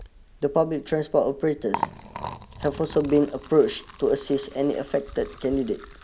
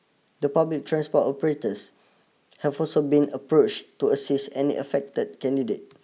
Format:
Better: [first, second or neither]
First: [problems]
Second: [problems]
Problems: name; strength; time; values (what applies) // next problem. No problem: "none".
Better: second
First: background sound (Liquid); 13 dB below the speech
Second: none